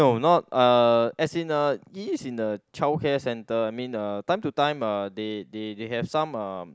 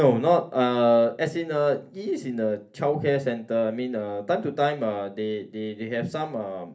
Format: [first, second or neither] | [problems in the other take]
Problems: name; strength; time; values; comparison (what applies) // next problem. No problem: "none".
first | room echo; dies away in 0.3 s